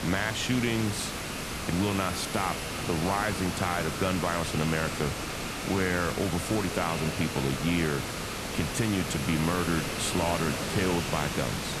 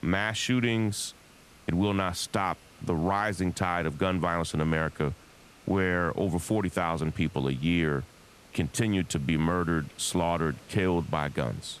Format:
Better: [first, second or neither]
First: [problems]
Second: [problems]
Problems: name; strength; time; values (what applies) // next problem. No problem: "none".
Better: second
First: hiss; loud; throughout; 3 dB below the speech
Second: hiss; faint; throughout; 25 dB below the speech